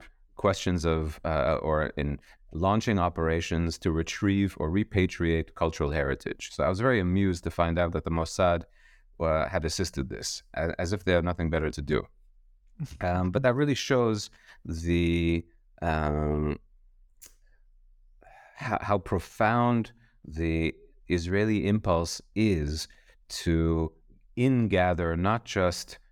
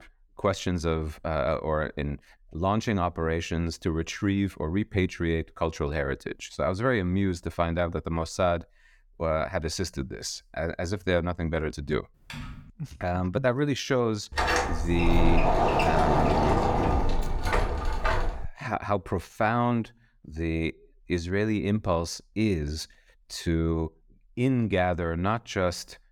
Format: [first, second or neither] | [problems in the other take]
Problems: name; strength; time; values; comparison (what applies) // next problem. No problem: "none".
first | keyboard typing; faint; at 12 s; peak 10 dB below the speech // door banging; loud; from 14 to 19 s; peak 5 dB above the speech